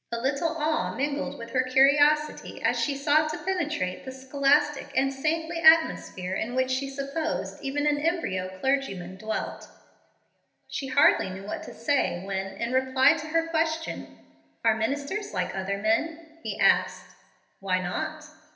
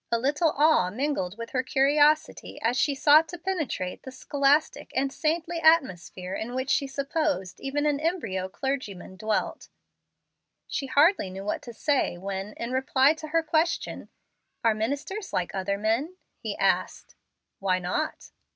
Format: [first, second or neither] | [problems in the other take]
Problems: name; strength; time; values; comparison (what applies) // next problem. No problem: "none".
second | room echo; dies away in 1.4 s